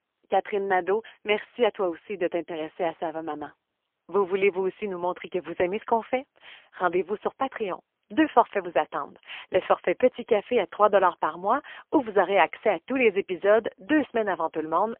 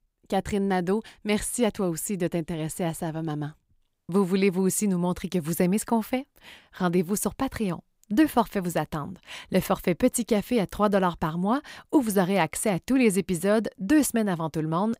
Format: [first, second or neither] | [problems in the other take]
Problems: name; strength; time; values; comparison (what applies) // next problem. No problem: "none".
second | phone-call audio; poor line; nothing above 3 kHz